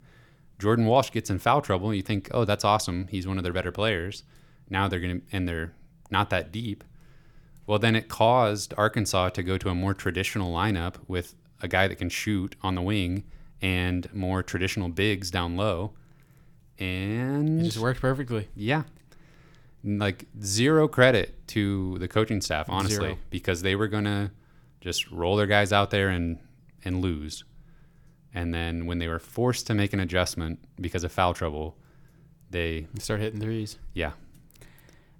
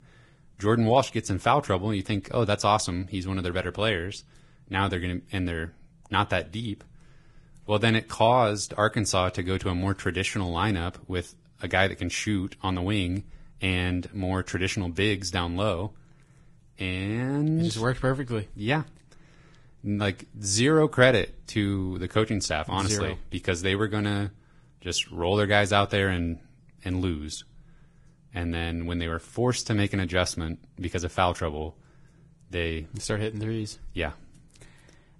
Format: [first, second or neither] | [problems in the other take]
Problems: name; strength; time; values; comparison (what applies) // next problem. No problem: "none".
first | garbled, watery; badly; nothing above 10.5 kHz